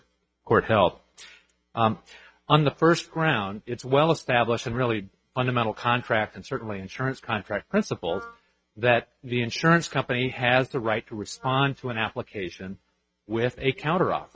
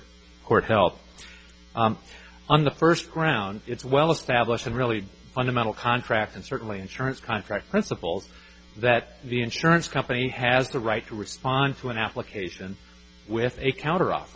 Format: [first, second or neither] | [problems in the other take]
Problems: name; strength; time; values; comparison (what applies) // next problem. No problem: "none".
second | noise reduction (neural mask model RNNoise)